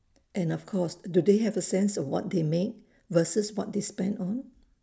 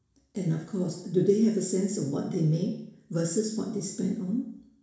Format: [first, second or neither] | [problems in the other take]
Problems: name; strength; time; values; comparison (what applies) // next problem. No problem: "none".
first | room echo; dies away in 0.7 s